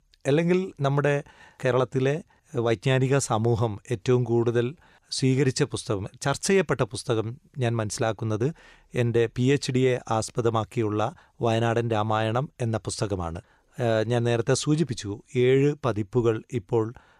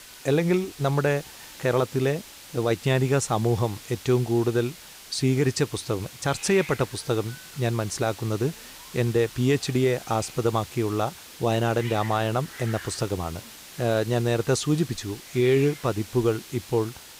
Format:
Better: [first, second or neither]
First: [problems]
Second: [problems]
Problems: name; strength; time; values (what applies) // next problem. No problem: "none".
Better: first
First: none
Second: hiss; noticeable; throughout; 15 dB below the speech